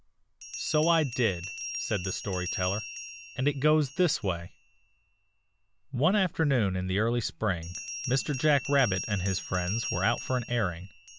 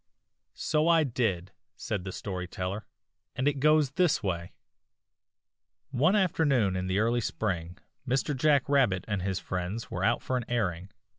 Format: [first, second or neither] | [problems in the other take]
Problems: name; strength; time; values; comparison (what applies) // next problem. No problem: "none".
second | background sound (Bell); 11 dB below the speech